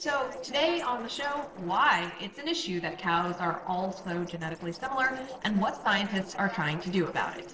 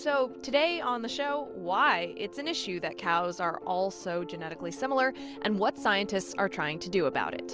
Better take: second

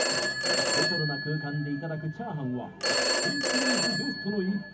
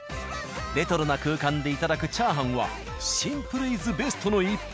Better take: second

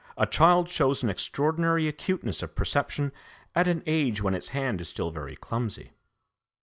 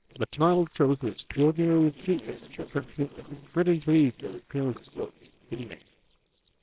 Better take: first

